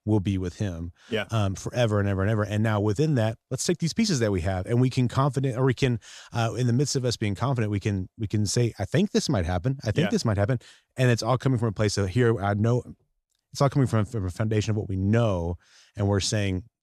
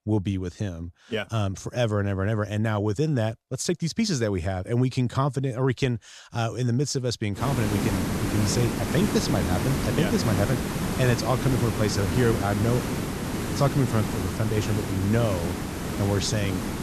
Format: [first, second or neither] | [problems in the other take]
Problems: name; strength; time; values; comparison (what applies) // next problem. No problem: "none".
first | hiss; loud; from 7.5 s on; 2 dB below the speech